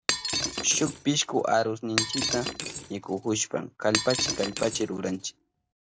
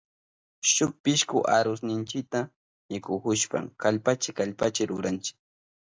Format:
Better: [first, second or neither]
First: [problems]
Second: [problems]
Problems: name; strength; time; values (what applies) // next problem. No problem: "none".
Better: second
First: background sound (Shatter); 4 dB below the speech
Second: none